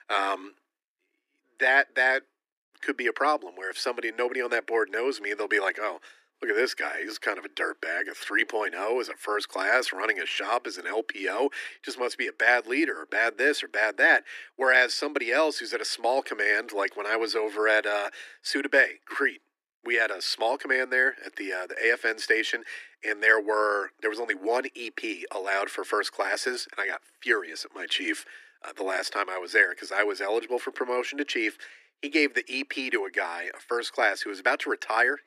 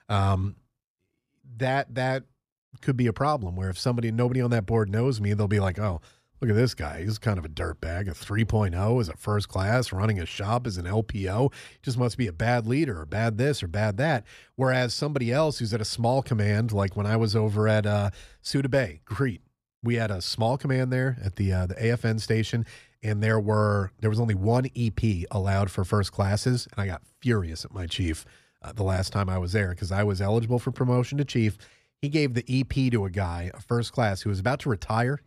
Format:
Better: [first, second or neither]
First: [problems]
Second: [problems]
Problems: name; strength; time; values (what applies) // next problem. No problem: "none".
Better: second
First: thin; very; fading below 300 Hz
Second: none